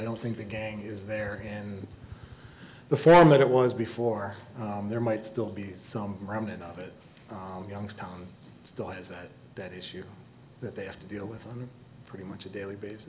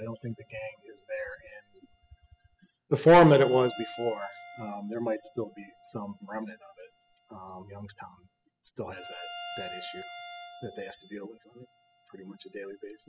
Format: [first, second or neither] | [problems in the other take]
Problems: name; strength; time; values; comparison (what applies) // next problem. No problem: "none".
first | noise reduction (classical method spectral subtraction)